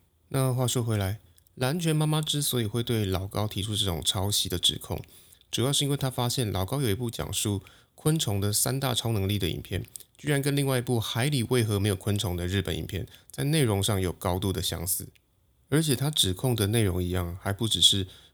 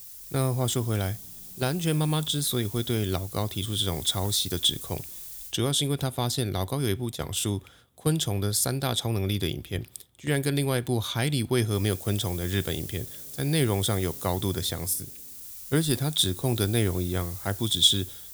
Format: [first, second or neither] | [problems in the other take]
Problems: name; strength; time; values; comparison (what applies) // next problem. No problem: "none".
first | hiss; noticeable; until 5.5 s and from 12 s on; 10 dB below the speech